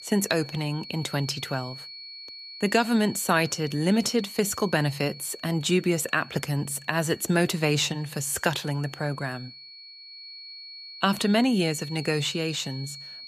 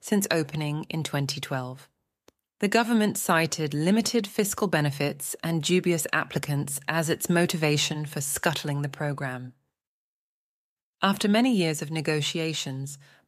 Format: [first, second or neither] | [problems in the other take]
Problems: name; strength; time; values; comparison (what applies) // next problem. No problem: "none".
second | high-pitched whine; noticeable; throughout; 4.5 kHz, 15 dB below the speech